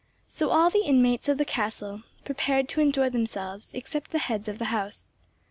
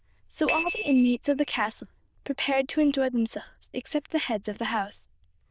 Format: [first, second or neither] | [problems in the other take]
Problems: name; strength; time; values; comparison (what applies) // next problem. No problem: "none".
first | noise reduction (neural diffusion model UNIVERSE++)